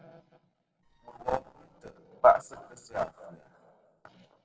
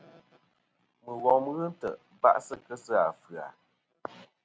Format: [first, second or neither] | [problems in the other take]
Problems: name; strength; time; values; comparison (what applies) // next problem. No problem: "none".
second | noise reduction (neural separator model SepFormer DNS4)